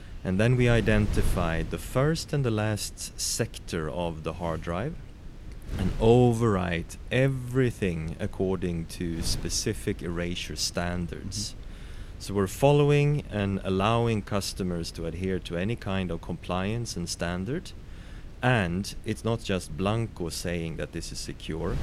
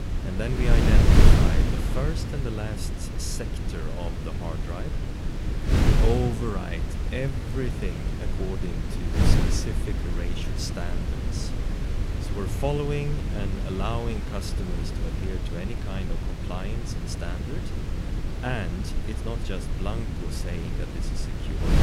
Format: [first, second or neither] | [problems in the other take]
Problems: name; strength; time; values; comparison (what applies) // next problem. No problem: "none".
first | wind noise on the microphone; heavy; as loud as the speech; occasional gusts in the first